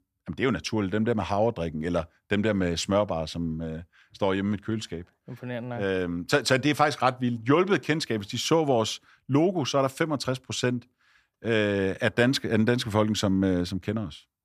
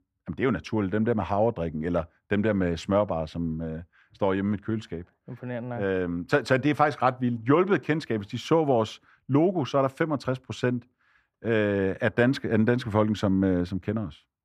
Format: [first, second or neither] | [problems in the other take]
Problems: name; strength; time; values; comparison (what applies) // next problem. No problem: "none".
first | muffled; slightly; fading above 3 kHz